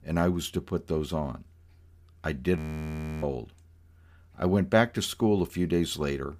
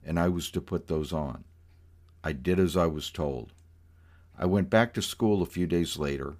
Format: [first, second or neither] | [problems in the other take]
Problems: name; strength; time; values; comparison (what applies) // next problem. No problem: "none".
second | audio freezing; at 2.5 s for 0.5 s